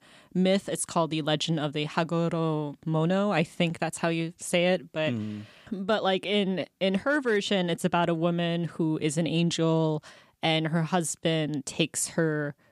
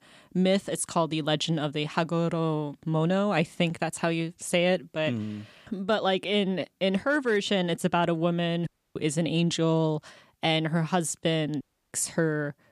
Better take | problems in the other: first | audio cutting out; at 8.5 s and at 12 s

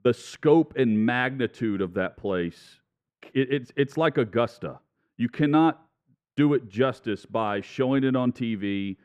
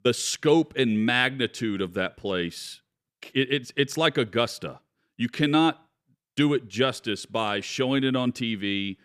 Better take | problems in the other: second | muffled; very; fading above 2.5 kHz

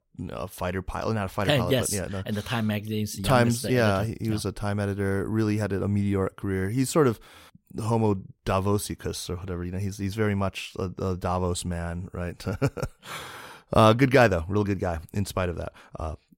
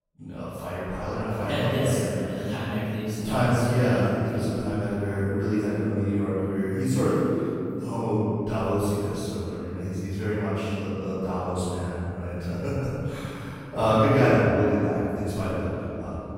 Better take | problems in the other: first | off-mic speech; far // room echo; strong; dies away in 3 s

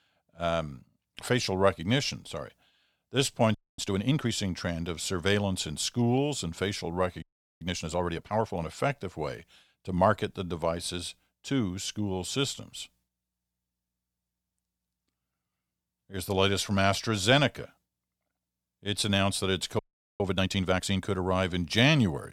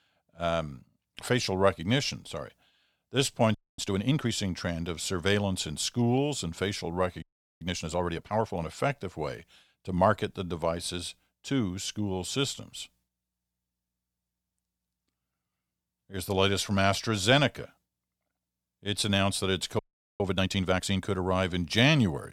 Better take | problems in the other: neither | audio freezing; at 3.5 s, at 7 s and at 20 s; the same in both

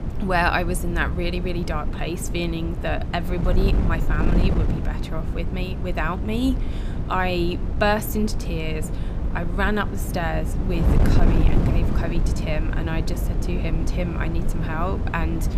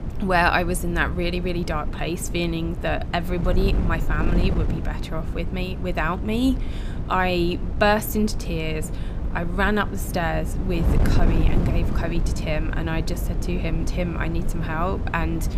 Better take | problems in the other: second | wind noise on the microphone; heavy; 8 dB below the speech; occasional gusts in the second

